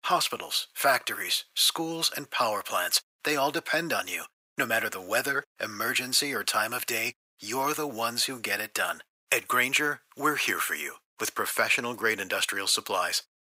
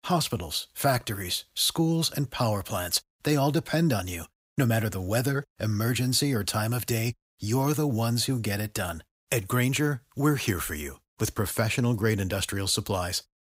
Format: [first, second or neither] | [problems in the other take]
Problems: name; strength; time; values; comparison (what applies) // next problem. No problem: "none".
second | thin; very; fading below 450 Hz